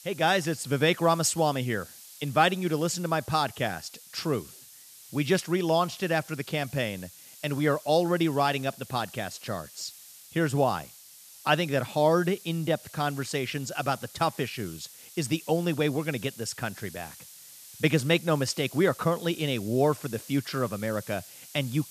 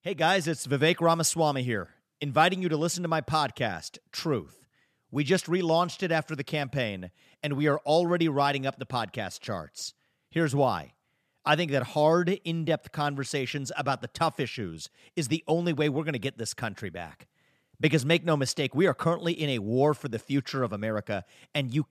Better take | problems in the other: second | hiss; noticeable; throughout; 20 dB below the speech

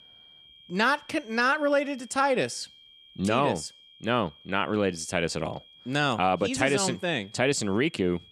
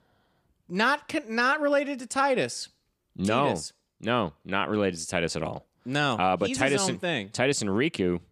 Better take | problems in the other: second | high-pitched whine; faint; throughout; 3 kHz, 25 dB below the speech

